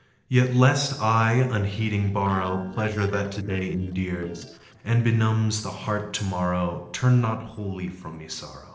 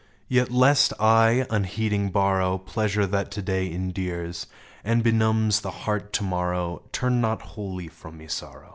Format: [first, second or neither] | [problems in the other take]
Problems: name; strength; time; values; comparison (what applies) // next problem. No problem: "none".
second | noise reduction (neural separator model SepFormer DNS4)